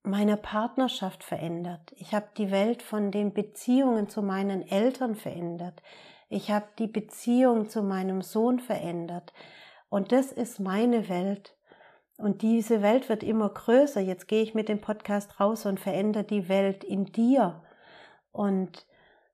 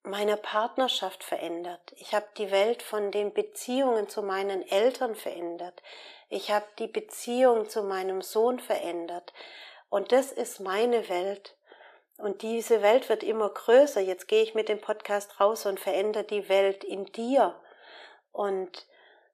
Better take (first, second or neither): first